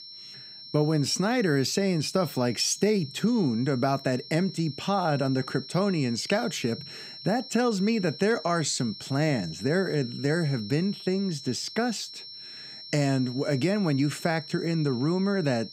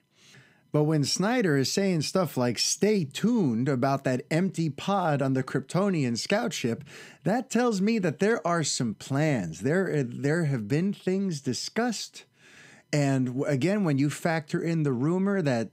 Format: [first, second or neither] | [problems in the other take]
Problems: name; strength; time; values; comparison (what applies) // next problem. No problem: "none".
second | high-pitched whine; noticeable; throughout; 5.5 kHz, 15 dB below the speech